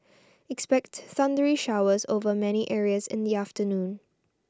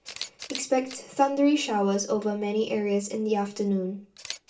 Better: first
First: none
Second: background sound (Camera); 18 dB below the speech // room echo; dies away in 0.3 s

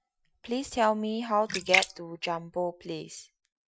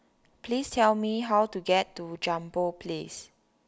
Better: second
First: noise reduction (classical method Wiener filter)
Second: none

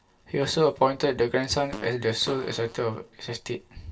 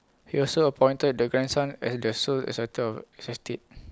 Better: second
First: background sound (Fart); 16 dB below the speech // room echo; dies away in 0.2 s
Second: none

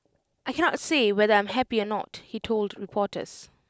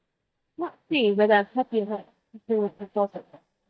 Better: first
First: none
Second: noise reduction (neural mask model DeepFilterNet 3)

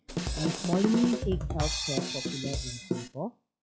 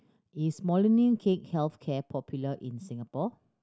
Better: second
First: noise reduction (classical method log-MMSE)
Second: none

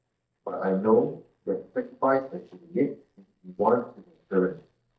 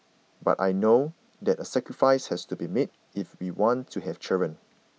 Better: second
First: noise reduction (neural mask model DeepFilterNet 3)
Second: none

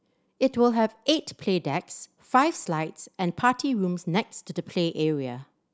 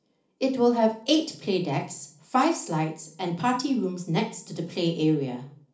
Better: first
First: none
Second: room echo; dies away in 0.4 s

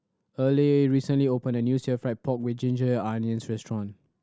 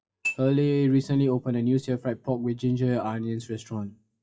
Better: first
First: none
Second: noise reduction (classical method WPE with log-MMSE)

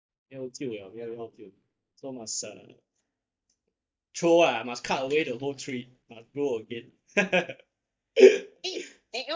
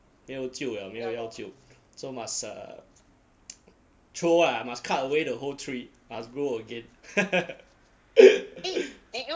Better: second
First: noise reduction (neural mask model DeepFilterNet 3)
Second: none

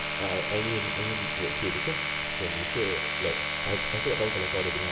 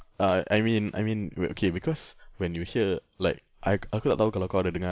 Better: second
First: background sound (Domestic sounds, home sounds); 2 dB above the speech // room echo; dies away in 0.6 s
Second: none

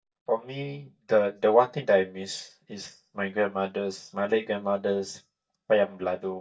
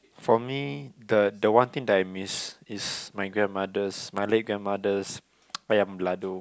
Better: second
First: noise reduction (neural mask model DeepFilterNet 3)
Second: none

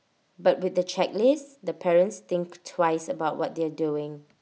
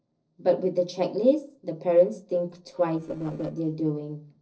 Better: first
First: none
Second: noise reduction (neural separator model SepFormer DNS4)

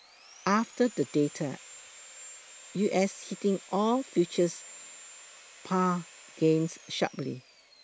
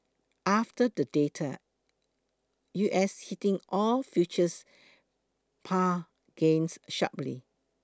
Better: second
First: background sound (Sawing); 18 dB below the speech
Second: none

